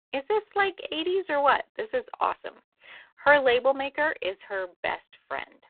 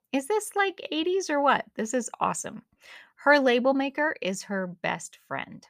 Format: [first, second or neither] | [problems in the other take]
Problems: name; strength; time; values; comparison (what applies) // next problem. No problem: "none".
second | phone-call audio; poor line